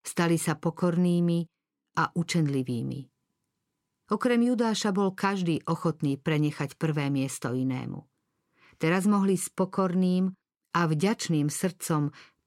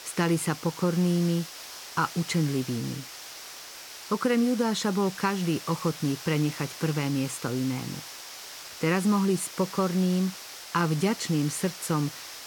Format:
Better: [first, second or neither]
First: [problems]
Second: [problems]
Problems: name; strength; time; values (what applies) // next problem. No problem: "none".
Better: first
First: none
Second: hiss; noticeable; throughout; 10 dB below the speech